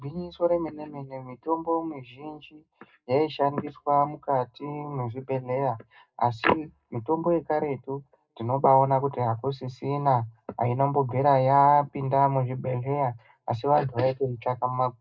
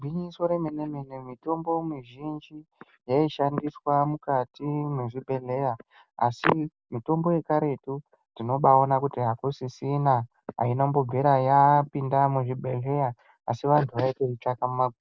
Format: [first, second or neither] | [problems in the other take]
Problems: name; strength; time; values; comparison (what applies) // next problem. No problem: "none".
second | room echo; dies away in 0.2 s